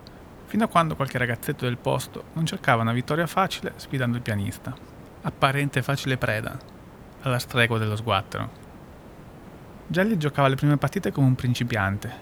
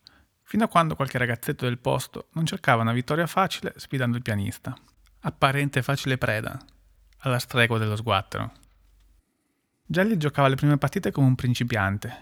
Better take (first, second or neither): second